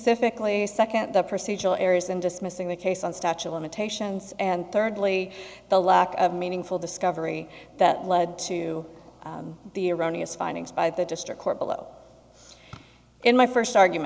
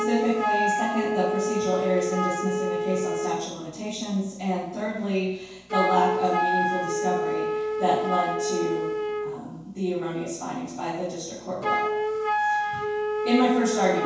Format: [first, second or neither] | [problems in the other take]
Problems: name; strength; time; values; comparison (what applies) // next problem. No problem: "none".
first | background sound (Wind instrument, woodwind instrument); as loud as the speech // room echo; dies away in 0.6 s